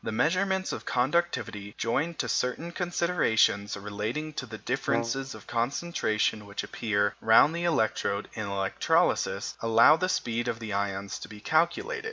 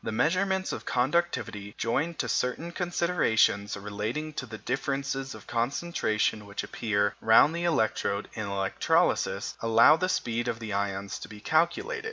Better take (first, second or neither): second